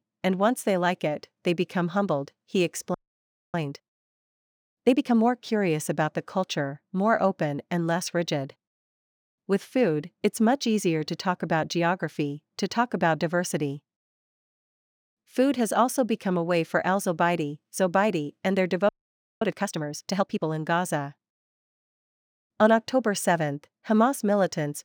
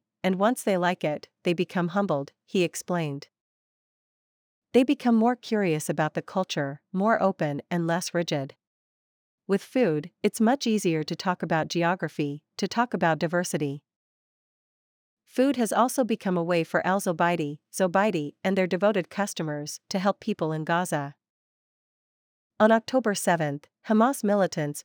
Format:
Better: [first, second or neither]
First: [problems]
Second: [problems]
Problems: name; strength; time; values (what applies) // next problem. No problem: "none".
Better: second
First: audio freezing; at 3 s for 0.5 s and at 19 s for 0.5 s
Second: none